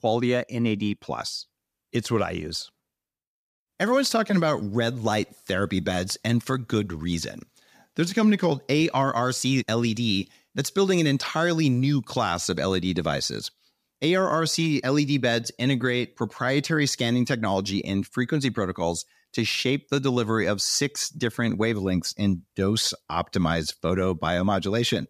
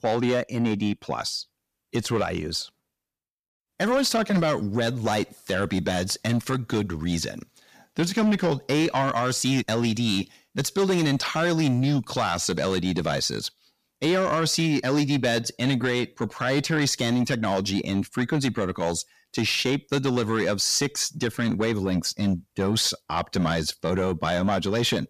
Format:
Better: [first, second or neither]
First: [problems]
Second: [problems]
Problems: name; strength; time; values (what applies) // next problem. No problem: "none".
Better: first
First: none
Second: distortion; slight; 10 dB below the speech